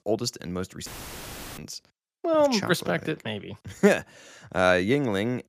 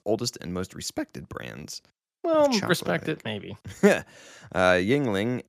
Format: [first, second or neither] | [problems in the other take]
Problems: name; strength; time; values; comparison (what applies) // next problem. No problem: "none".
second | audio cutting out; filled with static; at 1 s for 0.5 s